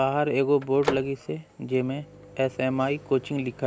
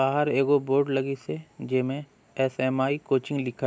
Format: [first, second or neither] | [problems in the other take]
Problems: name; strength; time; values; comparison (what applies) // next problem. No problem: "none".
second | background sound (Microwave oven); 12 dB below the speech